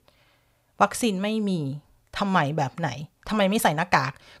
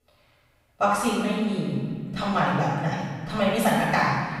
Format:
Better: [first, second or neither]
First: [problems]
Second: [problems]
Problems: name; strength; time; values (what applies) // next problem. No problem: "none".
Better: first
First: none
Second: room echo; strong; dies away in 1.8 s // off-mic speech; far